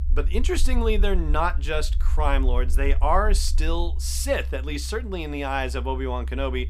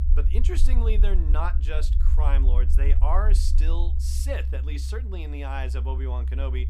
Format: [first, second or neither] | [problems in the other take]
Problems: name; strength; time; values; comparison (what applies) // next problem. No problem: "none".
first | low rumble; loud; throughout; 10 dB below the speech; faint in the first